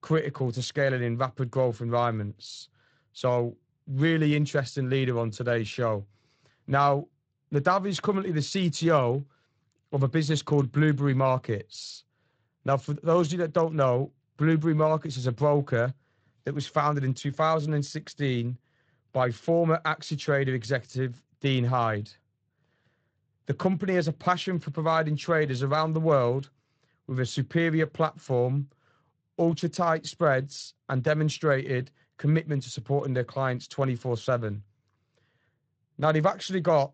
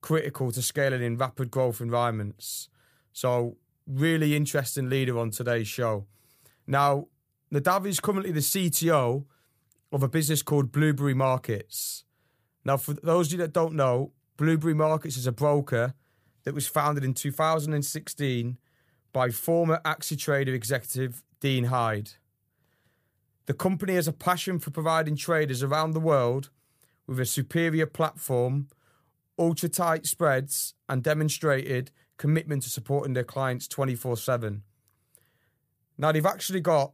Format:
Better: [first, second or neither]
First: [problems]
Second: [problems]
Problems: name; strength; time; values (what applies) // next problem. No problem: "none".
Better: second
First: garbled, watery; slightly; nothing above 8 kHz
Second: none